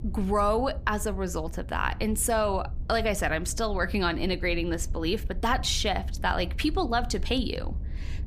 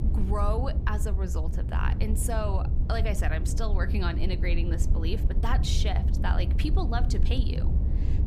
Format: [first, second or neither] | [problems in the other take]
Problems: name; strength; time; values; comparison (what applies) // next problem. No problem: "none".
first | low rumble; loud; throughout; 9 dB below the speech; faint in the first